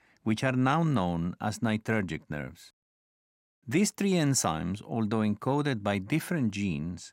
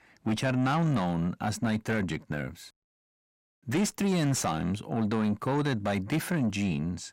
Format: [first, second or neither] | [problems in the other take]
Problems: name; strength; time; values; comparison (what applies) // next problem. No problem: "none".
first | distortion; slight; 10 dB below the speech